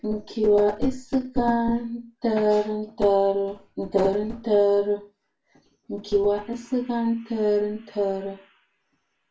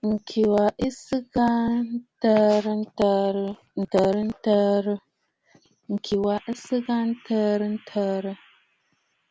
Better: second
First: room echo; dies away in 0.3 s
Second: none

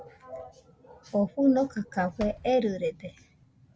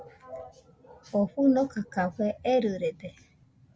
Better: second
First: background sound (Slam / Wood); 20 dB below the speech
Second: none

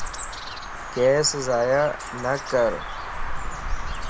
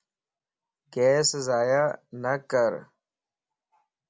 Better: second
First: background sound (Bird vocalization, bird call, bird song + Wind); 5 dB below the speech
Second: none

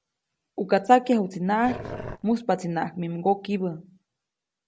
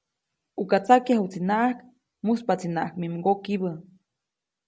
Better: second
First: background sound (Growling); 12 dB below the speech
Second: none

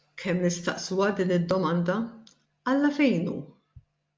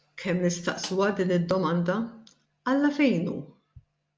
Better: first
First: none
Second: background sound (Snare drum); 19 dB below the speech

